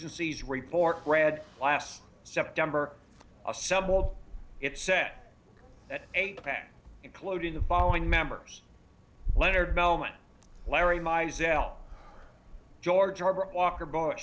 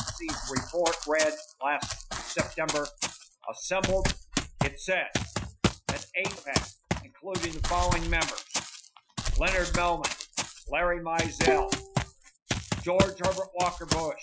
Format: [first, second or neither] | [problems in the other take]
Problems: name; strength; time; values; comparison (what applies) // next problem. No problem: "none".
first | noise reduction (classical method Wiener filter)